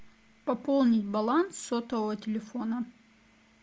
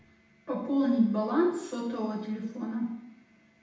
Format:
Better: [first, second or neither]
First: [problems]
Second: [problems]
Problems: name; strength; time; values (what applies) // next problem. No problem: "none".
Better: first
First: none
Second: room echo; dies away in 0.8 s